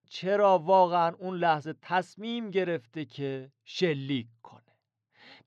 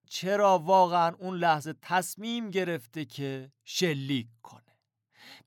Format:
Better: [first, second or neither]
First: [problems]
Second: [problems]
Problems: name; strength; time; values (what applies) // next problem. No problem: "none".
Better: second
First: muffled; very slightly; fading above 4 kHz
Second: none